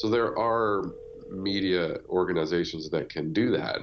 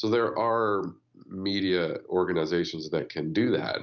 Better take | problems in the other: second | background sound (Telephone); 19 dB below the speech

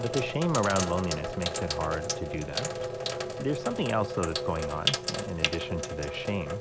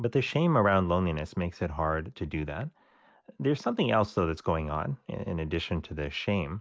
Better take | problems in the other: second | background sound (Sink (filling or washing)); 2 dB below the speech

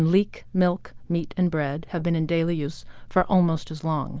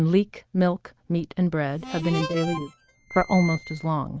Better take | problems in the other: first | noise reduction (neural mask model RNNoise)

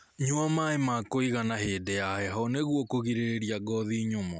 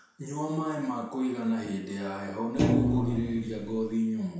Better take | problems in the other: first | background sound (Thump, thud); 3 dB above the speech // room echo; dies away in 0.7 s

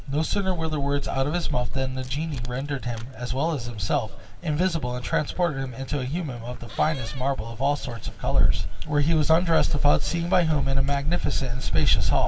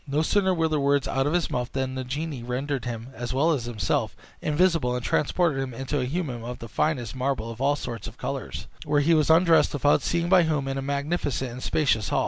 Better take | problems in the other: second | background sound (Keys jangling); 3 dB above the speech // room echo; dies away in 1.5 s

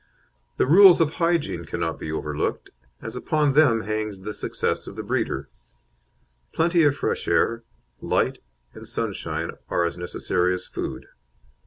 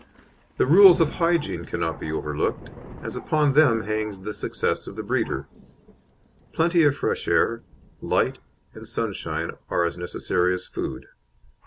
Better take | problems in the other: first | background sound (Thunder); 20 dB below the speech

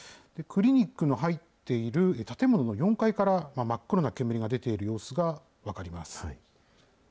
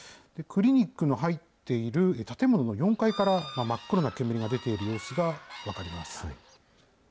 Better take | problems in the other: first | background sound (Bird / Fowl); 16 dB below the speech

